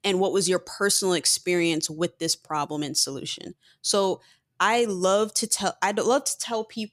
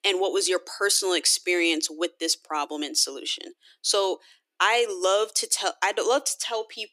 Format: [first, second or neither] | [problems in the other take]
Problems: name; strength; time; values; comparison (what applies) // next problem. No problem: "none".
first | thin; somewhat; fading below 300 Hz